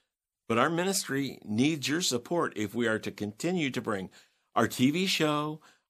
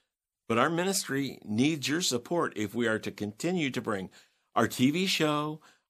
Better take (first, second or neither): neither